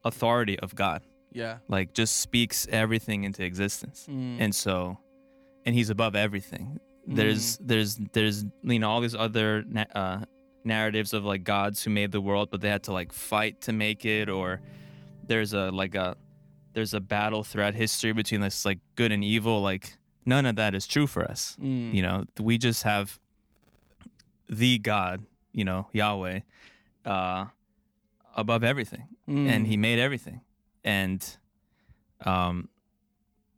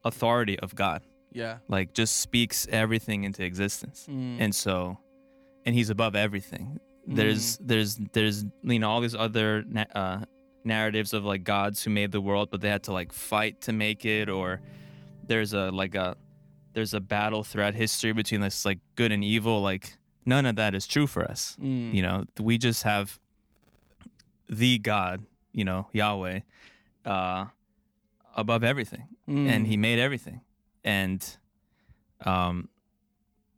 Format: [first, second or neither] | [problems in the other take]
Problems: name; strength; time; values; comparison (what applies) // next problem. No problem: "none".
neither | background music; faint; throughout; 30 dB below the speech; the same in both